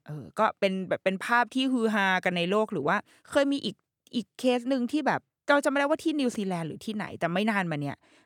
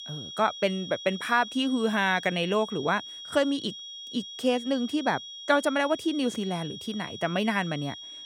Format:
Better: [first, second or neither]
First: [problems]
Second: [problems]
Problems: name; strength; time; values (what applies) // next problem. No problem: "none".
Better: first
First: none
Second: high-pitched whine; noticeable; throughout; 3.5 kHz, 10 dB below the speech